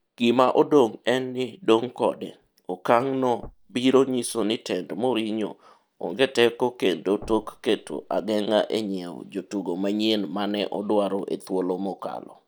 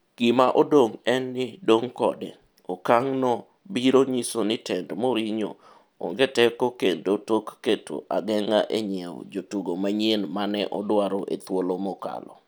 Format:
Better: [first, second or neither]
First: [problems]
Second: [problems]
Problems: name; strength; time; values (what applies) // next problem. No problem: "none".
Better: second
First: noise reduction (neural mask model DeepFilterNet 3)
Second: none